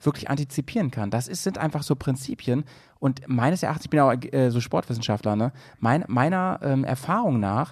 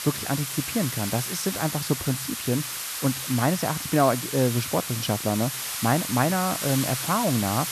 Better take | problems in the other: first | hiss; loud; throughout; 3 dB below the speech

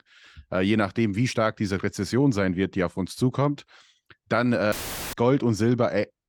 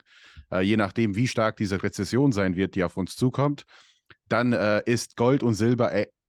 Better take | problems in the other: second | audio cutting out; filled with static; at 4.5 s

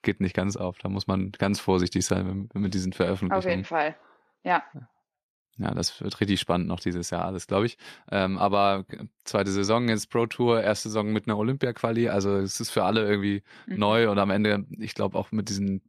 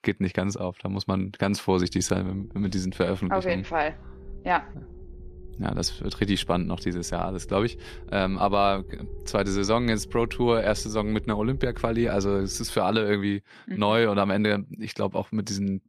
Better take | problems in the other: first | low rumble; faint; from 2 to 13 s; 25 dB below the speech

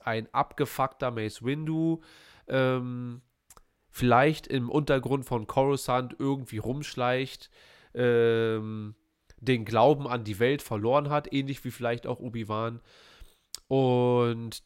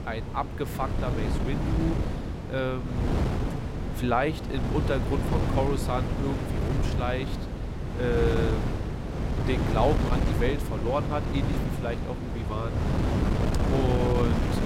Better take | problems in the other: first | wind noise on the microphone; heavy; 3 dB below the speech

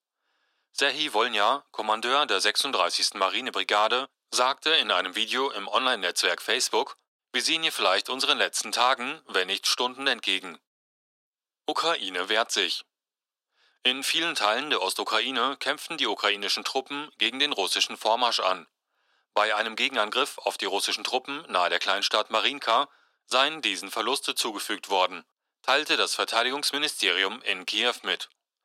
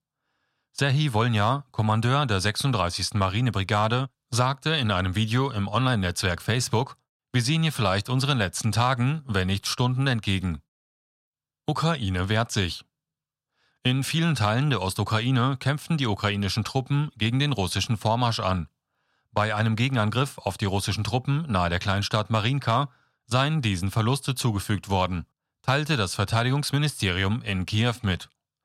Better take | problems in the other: second | thin; very; fading below 350 Hz

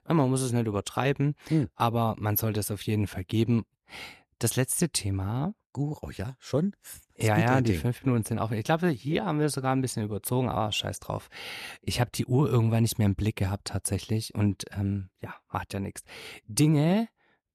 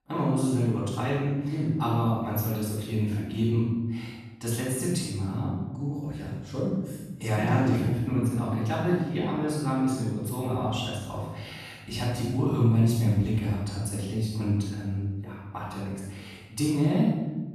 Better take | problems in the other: first | off-mic speech; far // room echo; strong; dies away in 1.2 s

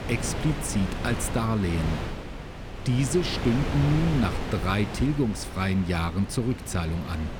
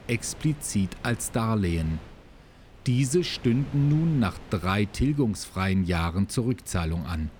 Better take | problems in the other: second | wind noise on the microphone; heavy; 5 dB below the speech; occasional gusts in the second

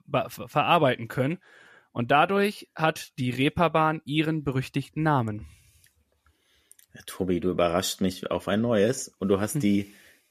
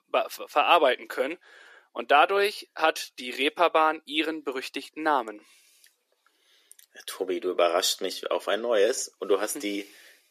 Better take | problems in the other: first | thin; very; fading below 350 Hz

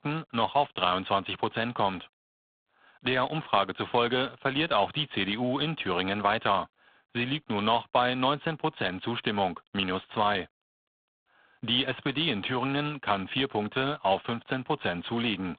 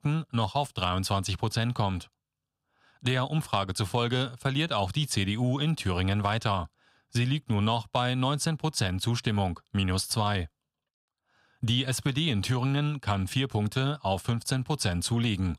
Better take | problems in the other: second | phone-call audio; poor line

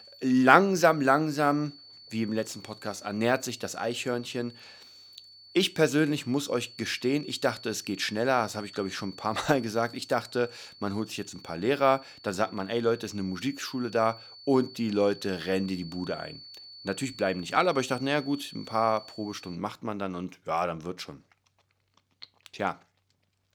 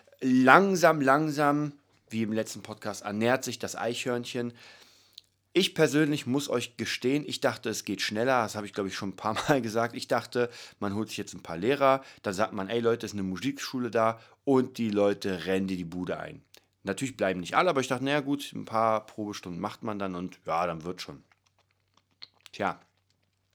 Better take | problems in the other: second | high-pitched whine; noticeable; until 20 s; 4.5 kHz, 20 dB below the speech

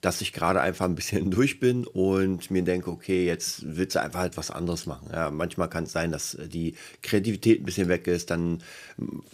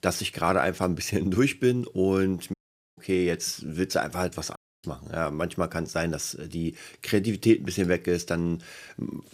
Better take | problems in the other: first | audio cutting out; at 2.5 s and at 4.5 s

